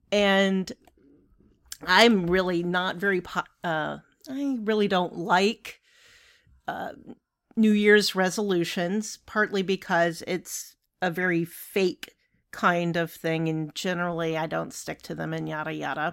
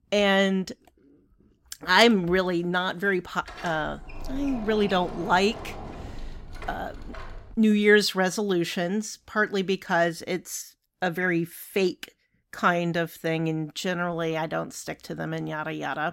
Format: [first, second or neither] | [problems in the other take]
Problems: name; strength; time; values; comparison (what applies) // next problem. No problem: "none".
first | door banging; faint; from 3.5 to 7.5 s; peak 15 dB below the speech